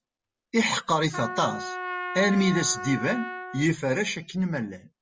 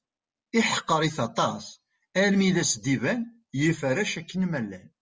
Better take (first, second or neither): second